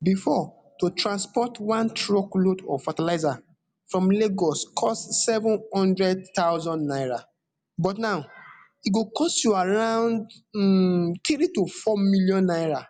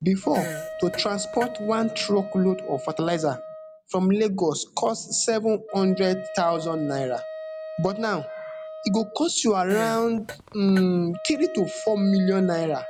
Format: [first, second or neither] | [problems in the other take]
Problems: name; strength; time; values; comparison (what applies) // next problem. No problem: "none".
first | background sound (Fart + Wind instrument, woodwind instrument); 12 dB below the speech